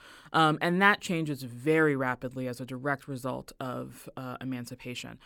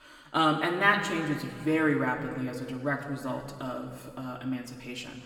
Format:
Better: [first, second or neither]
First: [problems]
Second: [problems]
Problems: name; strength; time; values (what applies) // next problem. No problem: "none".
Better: first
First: none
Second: room echo; slight; dies away in 2.2 s // off-mic speech; somewhat distant